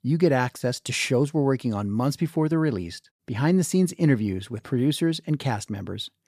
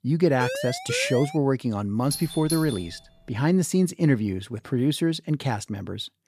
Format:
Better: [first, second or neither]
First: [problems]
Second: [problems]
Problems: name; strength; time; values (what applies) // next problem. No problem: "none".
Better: first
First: none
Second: siren; noticeable; at 0.5 s; peak 5 dB below the speech // doorbell; noticeable; at 2 s; peak 7 dB below the speech